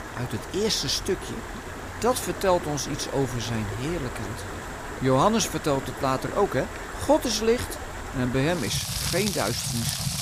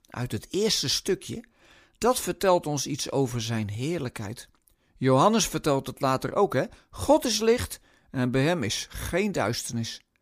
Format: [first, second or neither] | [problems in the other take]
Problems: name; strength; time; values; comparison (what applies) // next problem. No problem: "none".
second | rain or running water; loud; throughout; 7 dB below the speech